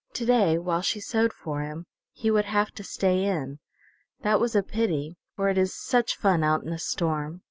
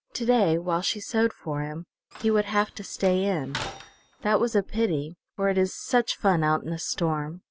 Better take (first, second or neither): first